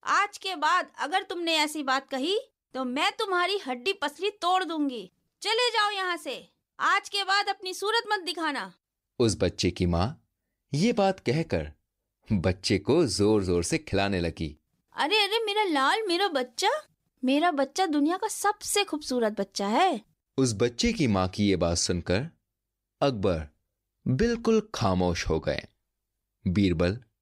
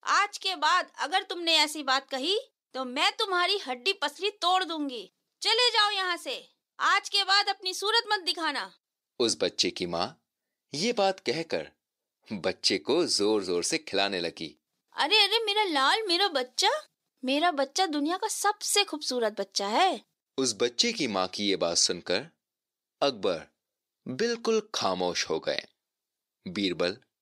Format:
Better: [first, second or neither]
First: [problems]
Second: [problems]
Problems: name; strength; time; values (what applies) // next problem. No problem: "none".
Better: first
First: none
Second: thin; very slightly; fading below 350 Hz